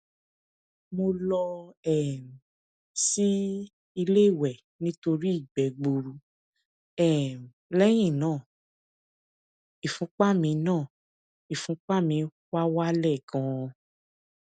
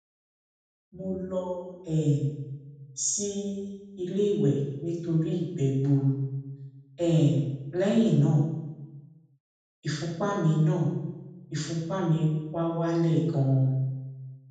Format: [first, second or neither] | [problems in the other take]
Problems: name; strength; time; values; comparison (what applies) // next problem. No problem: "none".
first | room echo; dies away in 1.2 s